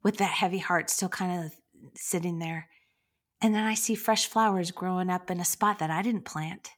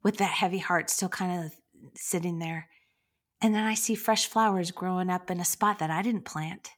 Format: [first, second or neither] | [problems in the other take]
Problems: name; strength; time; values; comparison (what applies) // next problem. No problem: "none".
neither | none